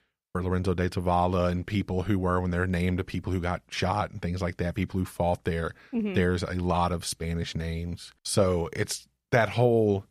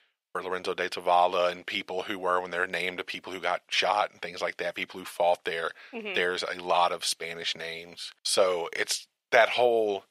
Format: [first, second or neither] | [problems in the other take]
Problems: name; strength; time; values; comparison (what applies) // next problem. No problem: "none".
first | thin; very; fading below 550 Hz